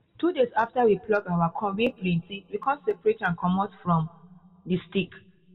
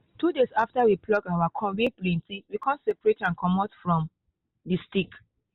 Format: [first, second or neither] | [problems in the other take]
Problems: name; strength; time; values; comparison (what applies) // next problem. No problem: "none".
second | room echo; dies away in 1.3 s